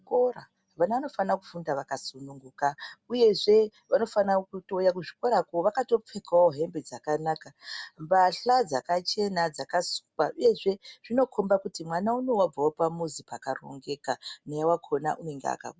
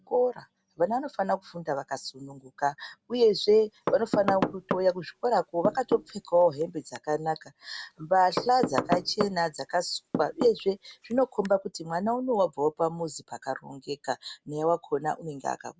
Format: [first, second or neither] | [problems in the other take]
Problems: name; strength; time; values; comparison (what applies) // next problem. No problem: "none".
first | background sound (Knock / Wood); 7 dB below the speech